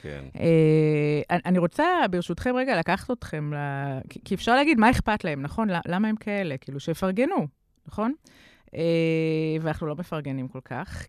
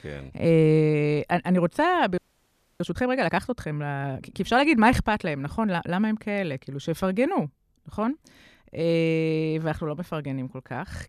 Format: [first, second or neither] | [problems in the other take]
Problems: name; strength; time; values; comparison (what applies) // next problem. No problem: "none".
first | audio freezing; at 2 s for 0.5 s